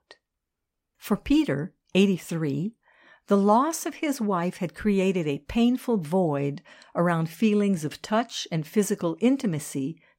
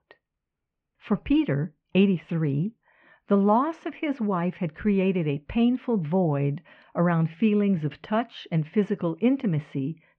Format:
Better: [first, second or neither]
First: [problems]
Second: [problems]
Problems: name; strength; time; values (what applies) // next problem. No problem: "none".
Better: first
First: none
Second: muffled; very; fading above 2.5 kHz